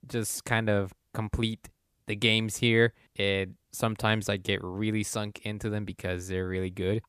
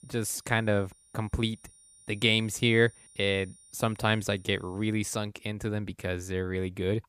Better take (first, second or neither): first